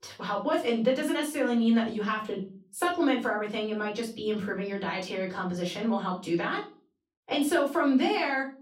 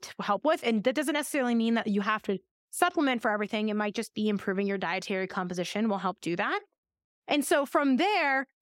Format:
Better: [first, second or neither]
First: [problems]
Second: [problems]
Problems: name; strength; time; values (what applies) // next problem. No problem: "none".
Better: second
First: off-mic speech; far // room echo; slight; dies away in 0.3 s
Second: none